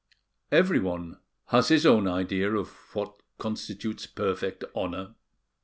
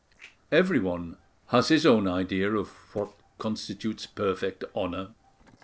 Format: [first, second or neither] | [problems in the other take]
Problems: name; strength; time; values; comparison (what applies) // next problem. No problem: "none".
first | noise reduction (neural separator model SepFormer DNS4)